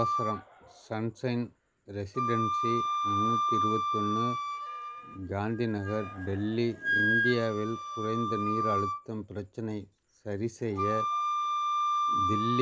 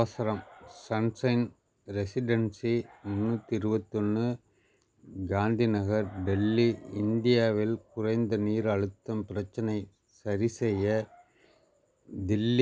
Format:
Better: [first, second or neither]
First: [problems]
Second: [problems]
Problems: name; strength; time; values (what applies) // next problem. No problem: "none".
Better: second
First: background sound (Wind instrument, woodwind instrument); 1 dB above the speech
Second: none